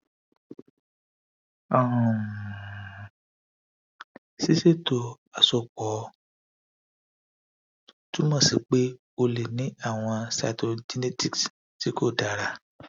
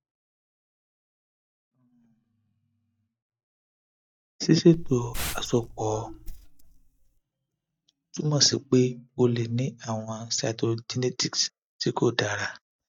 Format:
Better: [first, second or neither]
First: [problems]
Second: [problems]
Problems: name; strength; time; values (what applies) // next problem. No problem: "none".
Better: first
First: none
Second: noise reduction (neural mask model DeepFilterNet 3)